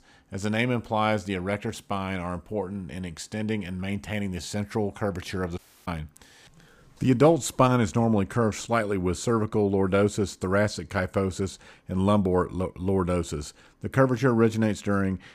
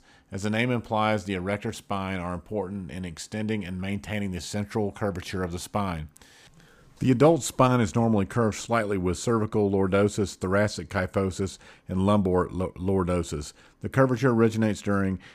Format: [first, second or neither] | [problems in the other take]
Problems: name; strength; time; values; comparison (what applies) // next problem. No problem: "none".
second | audio cutting out; at 5.5 s